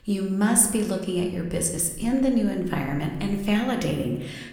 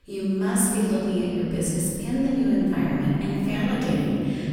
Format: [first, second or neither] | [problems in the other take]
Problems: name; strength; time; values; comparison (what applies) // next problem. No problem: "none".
first | room echo; strong; dies away in 3 s; slight in the first // off-mic speech; far